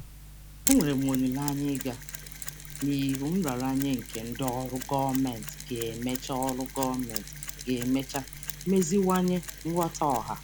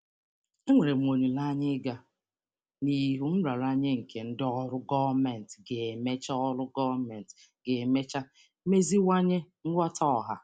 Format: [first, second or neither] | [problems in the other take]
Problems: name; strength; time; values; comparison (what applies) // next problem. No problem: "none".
second | background sound (Mechanisms); 9 dB below the speech